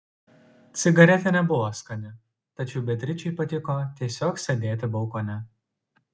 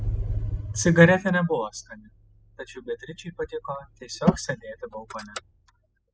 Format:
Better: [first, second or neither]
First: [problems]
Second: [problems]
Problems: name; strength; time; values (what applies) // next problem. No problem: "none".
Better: first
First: none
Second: noise reduction (classical method spectral subtraction)